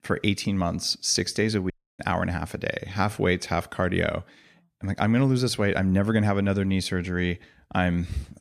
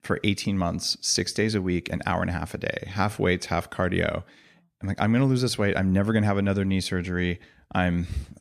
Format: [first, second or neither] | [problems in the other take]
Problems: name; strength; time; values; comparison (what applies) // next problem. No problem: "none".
second | audio cutting out; at 1.5 s